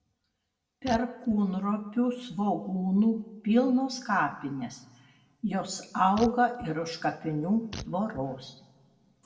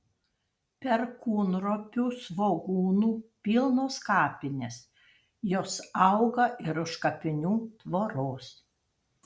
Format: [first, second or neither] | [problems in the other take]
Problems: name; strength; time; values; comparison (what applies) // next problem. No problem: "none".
second | background sound (Fart); 17 dB below the speech // room echo; dies away in 0.9 s